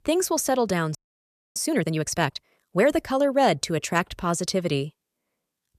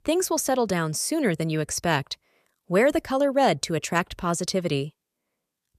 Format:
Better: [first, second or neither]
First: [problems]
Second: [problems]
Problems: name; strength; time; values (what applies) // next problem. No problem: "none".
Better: second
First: audio freezing; at 1 s for 0.5 s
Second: none